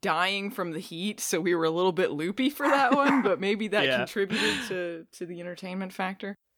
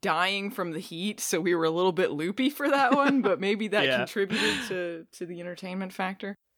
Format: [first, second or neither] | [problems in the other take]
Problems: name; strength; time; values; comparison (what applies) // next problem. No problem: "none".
second | dog barking; noticeable; at 2.5 s; peak 4 dB below the speech